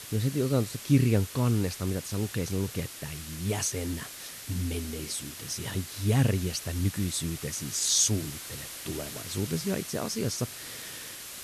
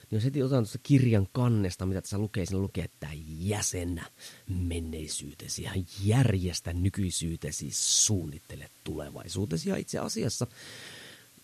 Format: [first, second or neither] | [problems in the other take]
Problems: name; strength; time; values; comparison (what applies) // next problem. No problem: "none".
second | hiss; loud; throughout; 10 dB below the speech; faint in the second